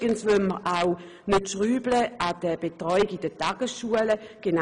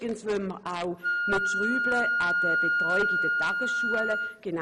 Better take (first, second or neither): first